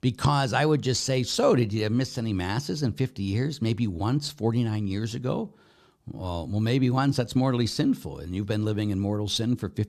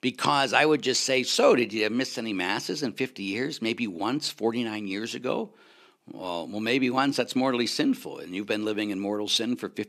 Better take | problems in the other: first | thin; very slightly; fading below 250 Hz

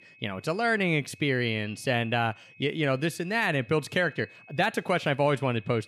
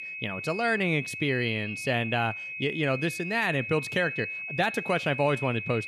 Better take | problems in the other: first | high-pitched whine; loud; throughout; 2.5 kHz, 6 dB below the speech; faint in the first

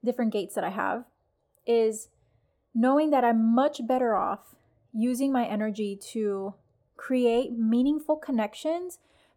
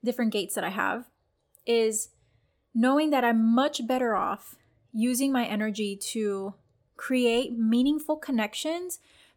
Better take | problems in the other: second | muffled; slightly; fading above 1.5 kHz

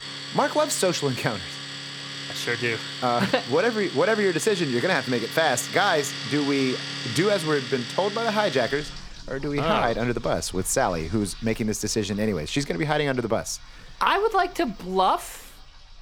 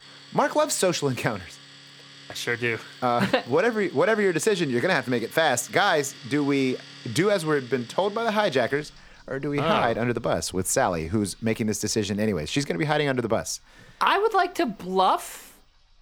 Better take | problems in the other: second | household noises; loud; throughout; 9 dB below the speech; faint in the second

